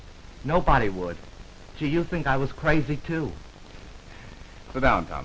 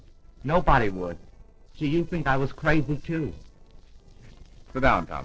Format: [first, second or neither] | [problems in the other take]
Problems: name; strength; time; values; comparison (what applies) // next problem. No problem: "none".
first | noise reduction (neural separator model SepFormer DNS4)